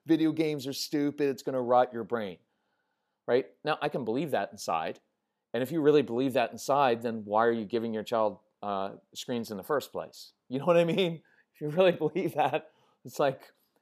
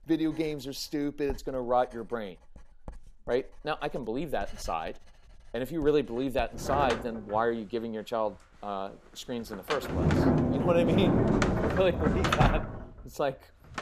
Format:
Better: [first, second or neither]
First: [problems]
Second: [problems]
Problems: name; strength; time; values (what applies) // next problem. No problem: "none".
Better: first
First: none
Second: household noises; very loud; throughout; 3 dB above the speech